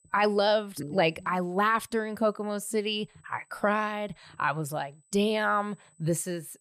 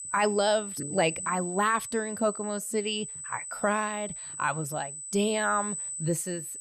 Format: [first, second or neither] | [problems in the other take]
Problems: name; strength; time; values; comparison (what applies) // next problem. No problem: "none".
first | high-pitched whine; loud; throughout; 8 kHz, 6 dB below the speech; faint in the first